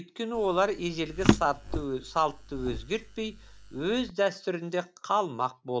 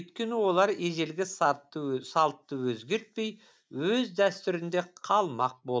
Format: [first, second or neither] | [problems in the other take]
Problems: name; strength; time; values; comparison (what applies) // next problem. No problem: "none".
second | background sound (Drawer open or close); 3 dB below the speech